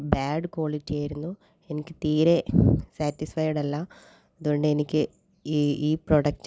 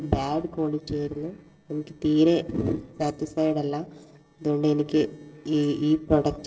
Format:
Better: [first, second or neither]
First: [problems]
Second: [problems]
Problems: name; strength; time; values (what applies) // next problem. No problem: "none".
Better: first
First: none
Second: noise reduction (neural separator model SepFormer DNS4)